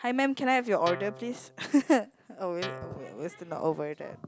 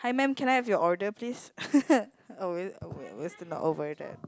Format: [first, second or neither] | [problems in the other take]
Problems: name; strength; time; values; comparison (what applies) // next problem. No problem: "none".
second | background sound (Guitar); 13 dB below the speech